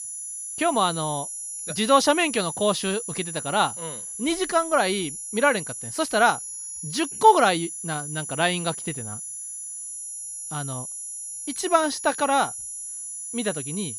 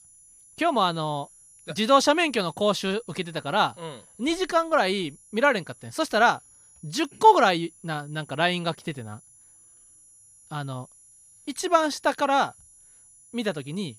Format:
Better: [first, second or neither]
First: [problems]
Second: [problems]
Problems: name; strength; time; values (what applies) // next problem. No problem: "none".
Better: second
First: high-pitched whine; loud; throughout; 10.5 kHz, 8 dB below the speech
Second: high-pitched whine; faint; throughout; 10.5 kHz, 25 dB below the speech